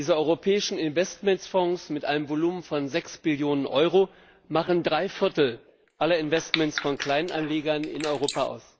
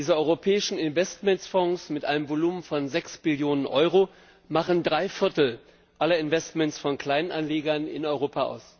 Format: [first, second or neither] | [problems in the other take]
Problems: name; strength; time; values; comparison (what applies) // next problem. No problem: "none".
second | noise reduction (neural mask model Resemble Enhance denoiser)